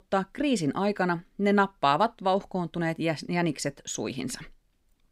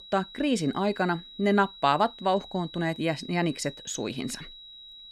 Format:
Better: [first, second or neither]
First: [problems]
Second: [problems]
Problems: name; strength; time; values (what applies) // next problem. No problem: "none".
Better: first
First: none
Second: high-pitched whine; noticeable; throughout; 4 kHz, 15 dB below the speech